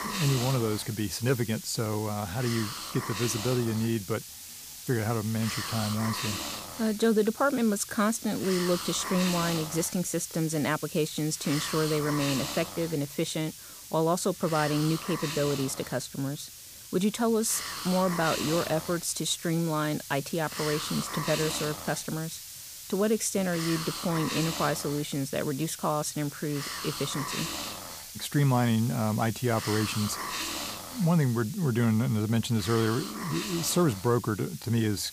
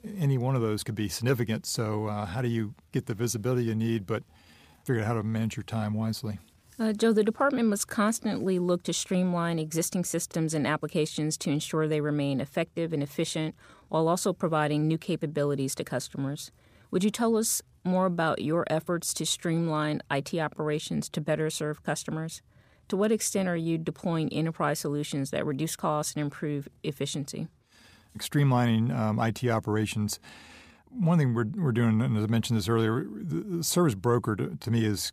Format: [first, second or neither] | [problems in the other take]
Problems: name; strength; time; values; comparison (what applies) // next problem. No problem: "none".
second | hiss; loud; throughout; 7 dB below the speech